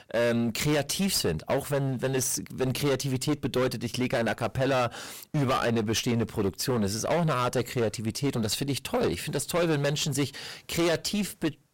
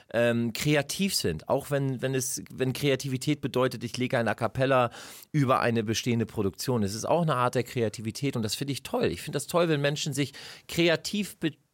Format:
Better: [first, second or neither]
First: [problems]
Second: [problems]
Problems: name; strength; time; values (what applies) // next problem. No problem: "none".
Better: second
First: distortion; heavy; 17% of the sound clipped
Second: none